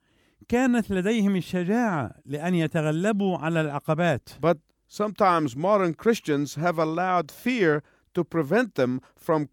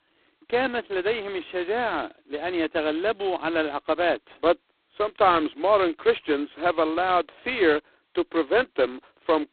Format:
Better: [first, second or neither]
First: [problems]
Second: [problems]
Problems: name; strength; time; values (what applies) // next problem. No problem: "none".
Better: first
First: none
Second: phone-call audio; poor line; nothing above 4 kHz